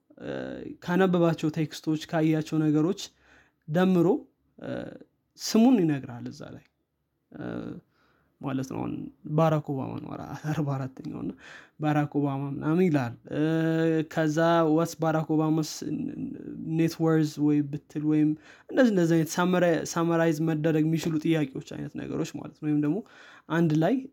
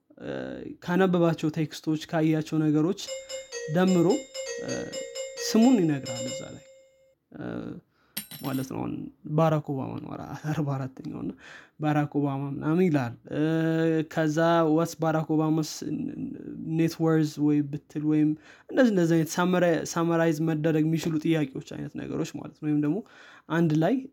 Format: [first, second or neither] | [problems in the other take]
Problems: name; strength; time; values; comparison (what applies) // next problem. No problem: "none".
first | doorbell; noticeable; from 3 to 6.5 s; peak 7 dB below the speech // clattering dishes; faint; at 8 s; peak 10 dB below the speech